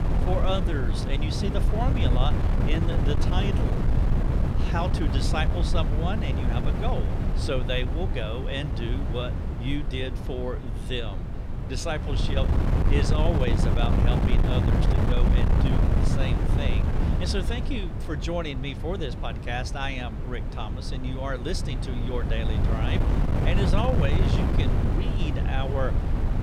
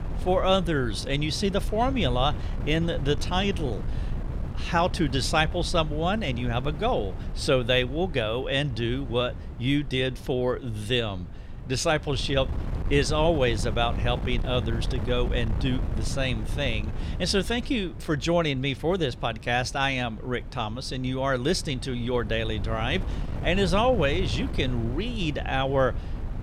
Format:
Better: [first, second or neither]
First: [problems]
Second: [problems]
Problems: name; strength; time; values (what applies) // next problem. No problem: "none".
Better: second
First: wind noise on the microphone; heavy; 2 dB below the speech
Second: wind noise on the microphone; occasional gusts; 15 dB below the speech